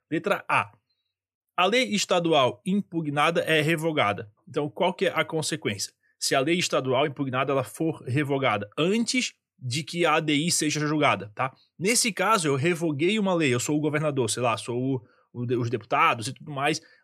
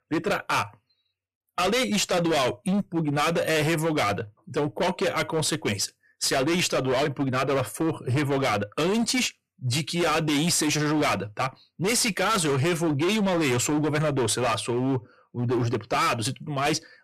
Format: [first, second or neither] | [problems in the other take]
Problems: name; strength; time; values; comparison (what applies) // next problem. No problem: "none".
first | distortion; heavy; 24% of the sound clipped